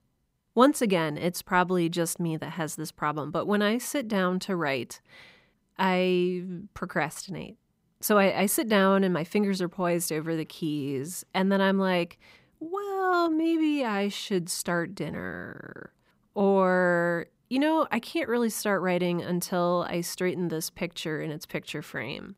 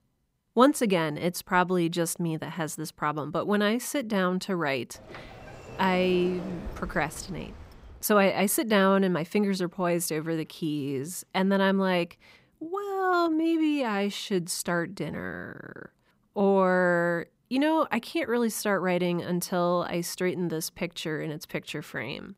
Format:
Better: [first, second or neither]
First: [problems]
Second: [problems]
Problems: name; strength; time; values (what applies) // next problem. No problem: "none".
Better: first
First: none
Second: door banging; faint; from 5 to 8 s; peak 10 dB below the speech